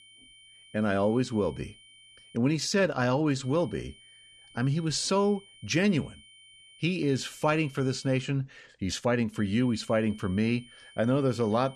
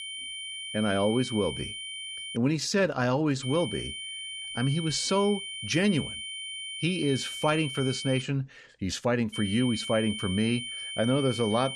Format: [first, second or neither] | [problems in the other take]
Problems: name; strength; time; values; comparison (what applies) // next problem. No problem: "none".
first | high-pitched whine; loud; until 2.5 s, from 3.5 to 8 s and from 9.5 s on; 3 kHz, 7 dB below the speech; faint in the first